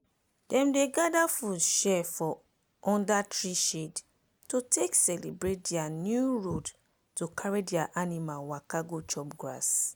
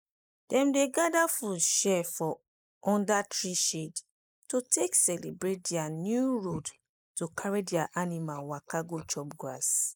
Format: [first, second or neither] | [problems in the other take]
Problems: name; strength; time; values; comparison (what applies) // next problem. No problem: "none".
first | noise reduction (neural mask model Resemble Enhance denoiser)